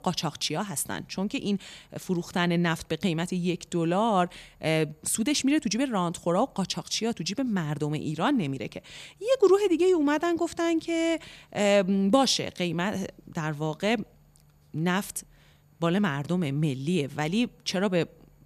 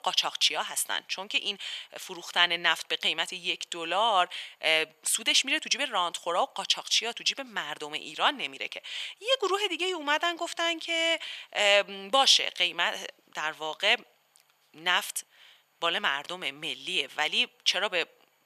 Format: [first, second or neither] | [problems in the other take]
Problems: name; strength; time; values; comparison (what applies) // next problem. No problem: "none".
first | thin; very; fading below 800 Hz